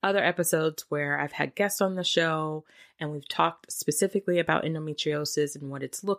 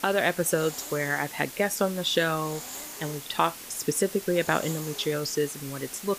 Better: first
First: none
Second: hiss; noticeable; throughout; 10 dB below the speech

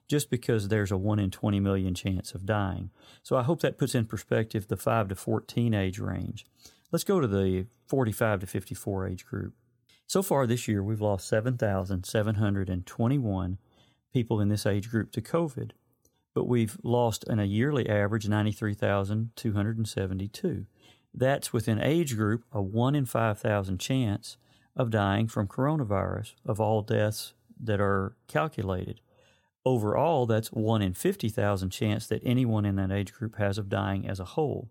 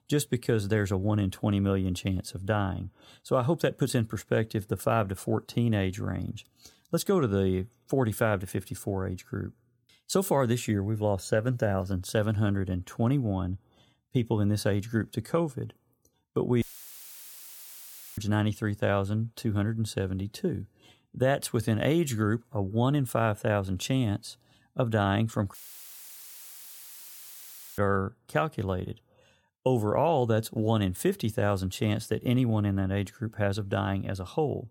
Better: first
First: none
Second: audio cutting out; filled with static; at 17 s for 1.5 s and at 26 s for 2 s

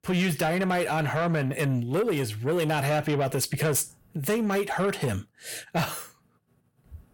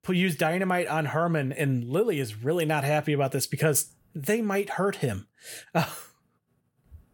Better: second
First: distortion; slight; 10 dB below the speech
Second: none

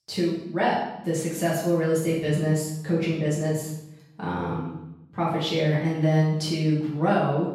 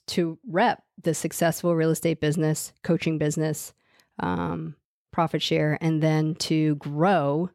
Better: second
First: off-mic speech; far // room echo; noticeable; dies away in 0.7 s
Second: none

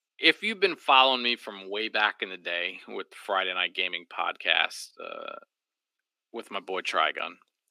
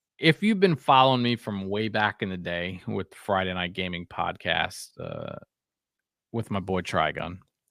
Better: second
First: thin; somewhat; fading below 300 Hz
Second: none

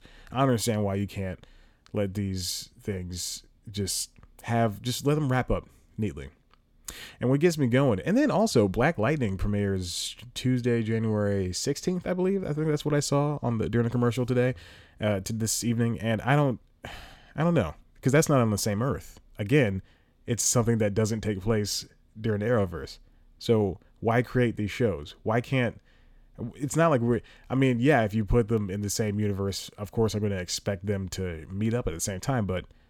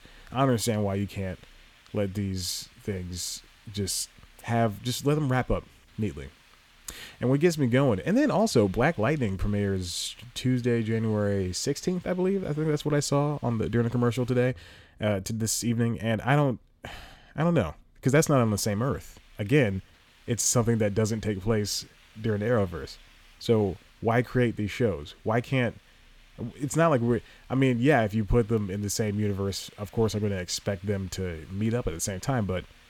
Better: first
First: none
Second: hiss; faint; until 15 s and from 18 s on; 30 dB below the speech

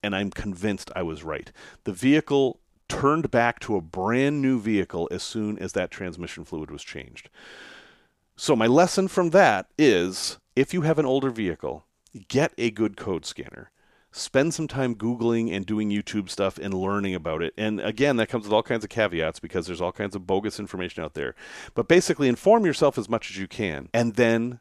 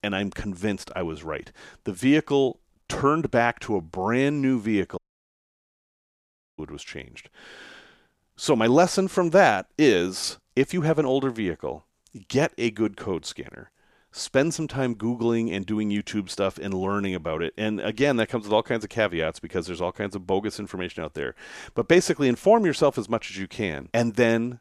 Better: first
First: none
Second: audio cutting out; at 5 s for 1.5 s

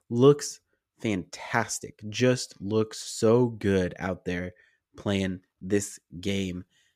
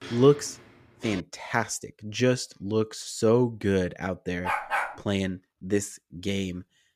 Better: first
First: none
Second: footsteps; faint; until 1 s; peak 10 dB below the speech // dog barking; loud; at 4.5 s; peak level with the speech

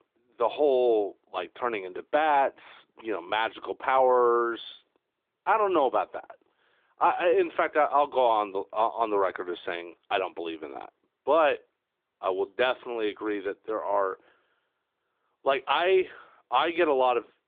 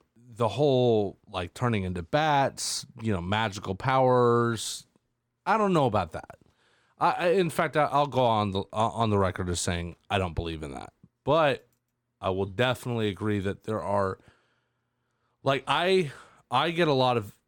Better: second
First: phone-call audio; nothing above 3.5 kHz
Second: none

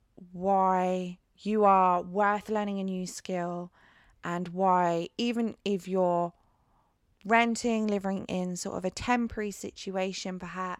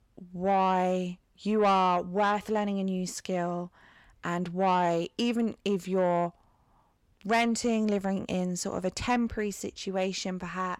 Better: first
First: none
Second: distortion; slight; 10 dB below the speech

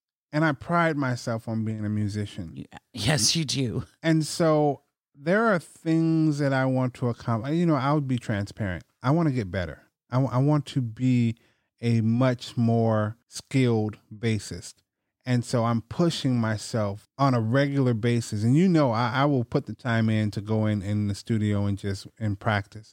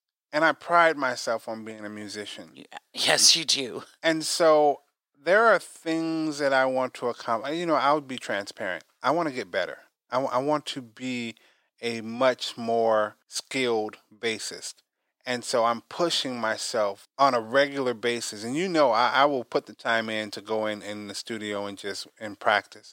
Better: first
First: none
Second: thin; very; fading below 550 Hz

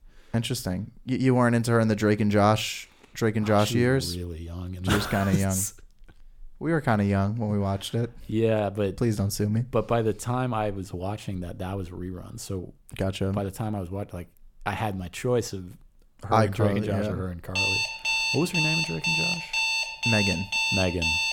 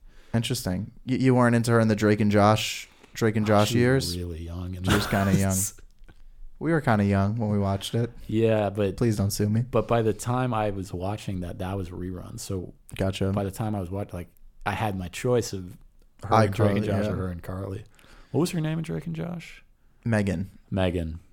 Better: second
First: alarm; loud; from 18 s on; peak 4 dB above the speech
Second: none

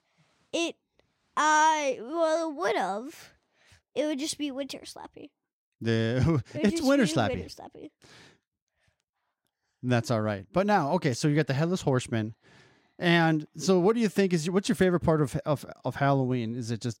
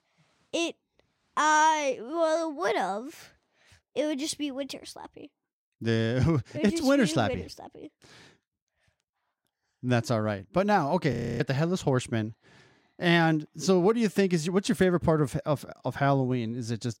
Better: first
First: none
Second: audio freezing; at 11 s

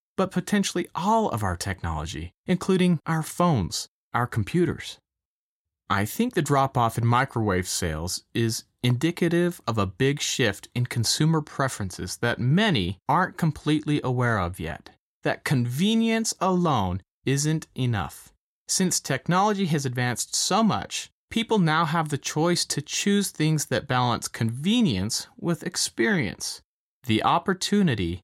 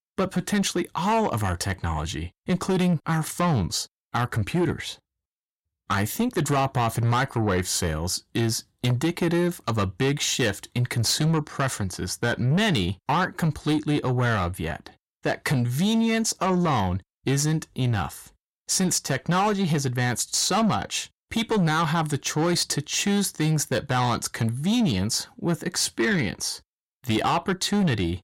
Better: first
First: none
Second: distortion; slight; 10 dB below the speech

